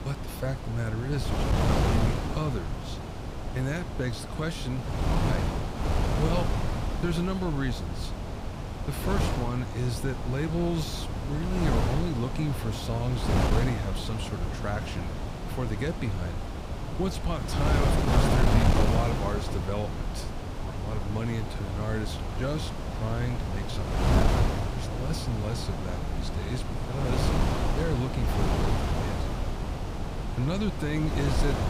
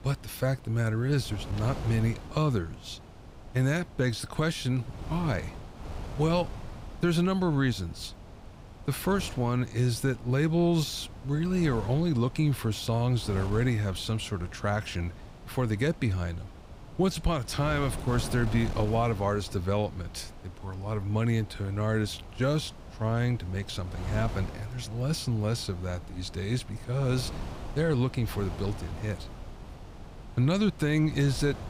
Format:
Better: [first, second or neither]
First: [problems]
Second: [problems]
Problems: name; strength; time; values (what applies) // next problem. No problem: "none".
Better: second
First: wind noise on the microphone; heavy; 2 dB above the speech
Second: wind noise on the microphone; occasional gusts; 15 dB below the speech